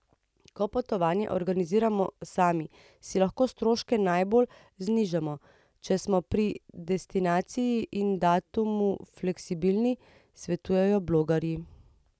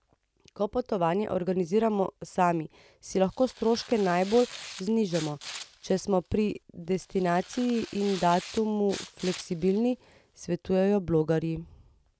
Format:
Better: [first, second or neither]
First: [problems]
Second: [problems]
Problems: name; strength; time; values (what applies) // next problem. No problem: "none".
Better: first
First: none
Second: background sound (Tearing); 17 dB below the speech